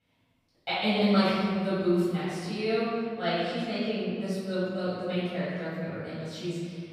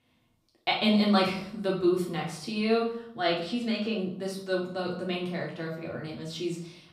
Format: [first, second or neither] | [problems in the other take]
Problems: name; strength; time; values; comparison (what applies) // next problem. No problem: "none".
second | room echo; strong; dies away in 1.9 s; slight in the second // off-mic speech; far; far in the second